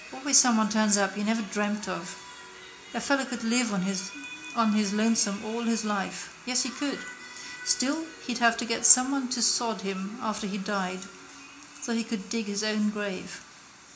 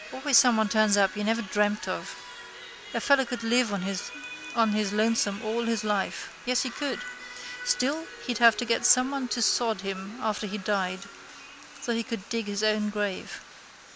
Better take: second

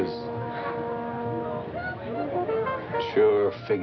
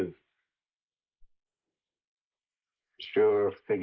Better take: first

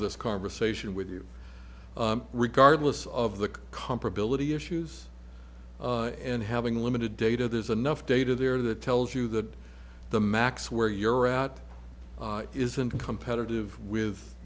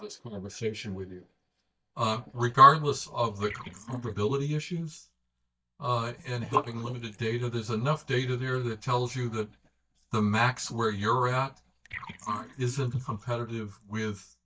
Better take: first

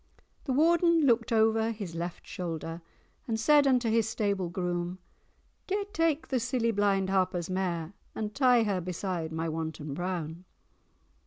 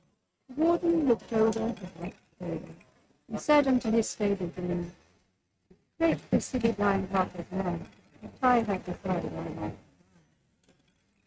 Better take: first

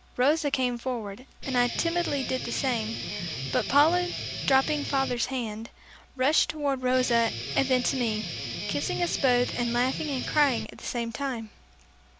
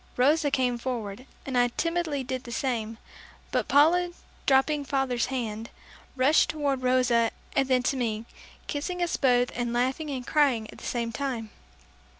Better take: second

